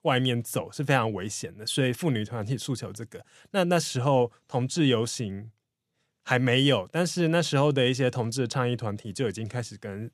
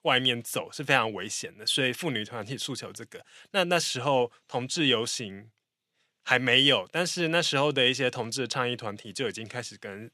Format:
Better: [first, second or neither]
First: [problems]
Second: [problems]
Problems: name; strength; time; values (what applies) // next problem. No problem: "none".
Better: first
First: none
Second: thin; very slightly; fading below 650 Hz